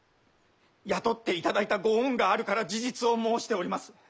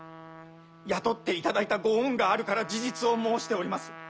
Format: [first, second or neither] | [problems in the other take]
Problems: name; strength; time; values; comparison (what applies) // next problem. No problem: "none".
first | background sound (Trumpet); 17 dB below the speech